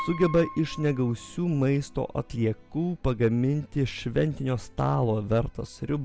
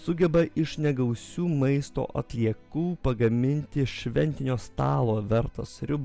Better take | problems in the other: second | background sound (Piano); 19 dB below the speech

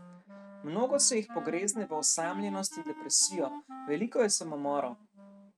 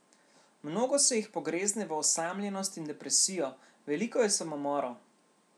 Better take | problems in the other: second | noise reduction (neural mask model RNNoise)

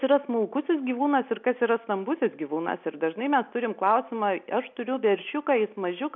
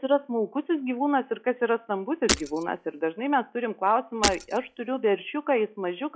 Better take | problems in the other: first | noise reduction (classical method log-MMSE)

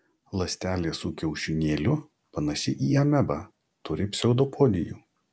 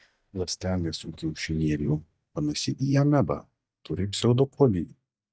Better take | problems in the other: first | noise reduction (neural mask model DeepFilterNet 3)

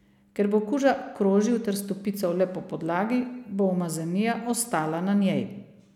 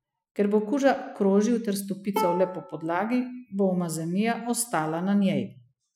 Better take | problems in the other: first | noise reduction (classical method Wiener filter)

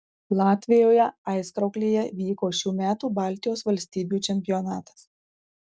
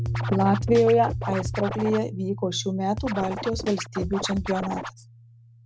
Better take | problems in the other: first | background sound (Piano + Scratching (performance technique)); 6 dB below the speech

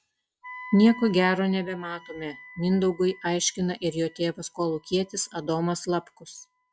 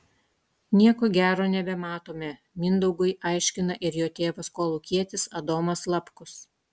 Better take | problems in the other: second | noise reduction (classical method log-MMSE)

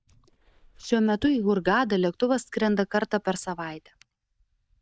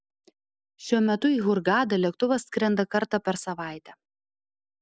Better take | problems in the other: second | noise reduction (neural mask model DeepFilterNet 3)

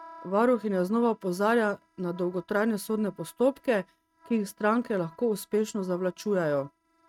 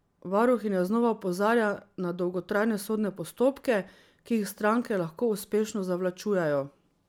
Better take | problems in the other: second | noise reduction (neural mask model RNNoise)

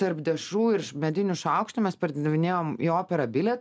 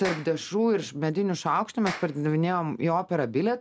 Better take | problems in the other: first | background sound (Clapping); 16 dB below the speech

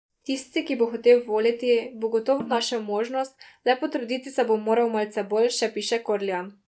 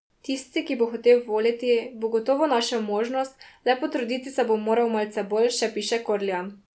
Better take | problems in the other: second | noise reduction (neural mask model DeepFilterNet 3)

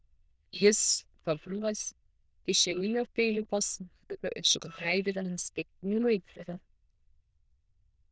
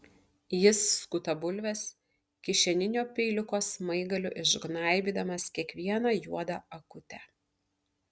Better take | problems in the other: second | noise reduction (neural diffusion model UNIVERSE++)

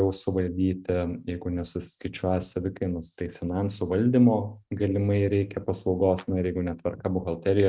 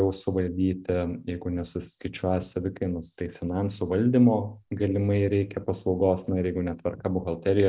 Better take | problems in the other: second | noise reduction (neural mask model RNNoise)

